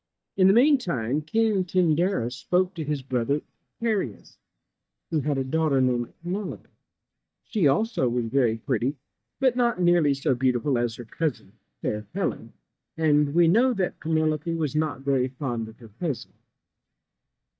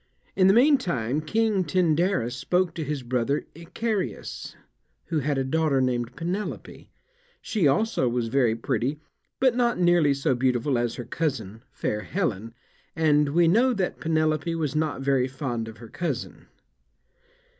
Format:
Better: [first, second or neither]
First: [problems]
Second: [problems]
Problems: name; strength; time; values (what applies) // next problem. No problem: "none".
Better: second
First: noise reduction (neural mask model DeepFilterNet 3)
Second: none